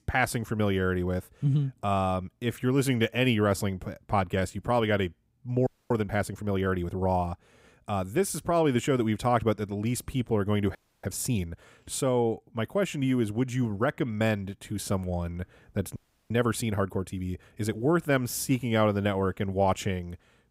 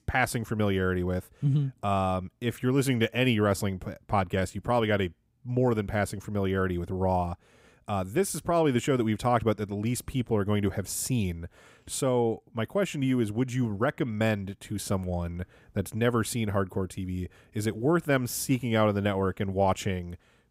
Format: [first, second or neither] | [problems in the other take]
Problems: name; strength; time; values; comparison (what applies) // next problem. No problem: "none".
second | audio freezing; at 5.5 s, at 11 s and at 16 s